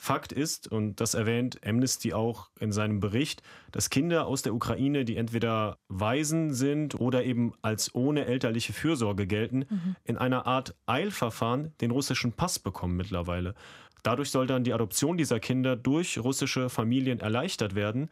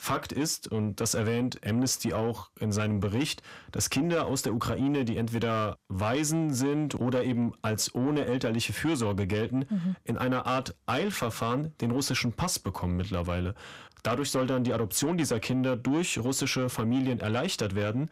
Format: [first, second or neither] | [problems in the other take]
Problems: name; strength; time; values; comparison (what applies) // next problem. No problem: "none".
first | distortion; slight; 10 dB below the speech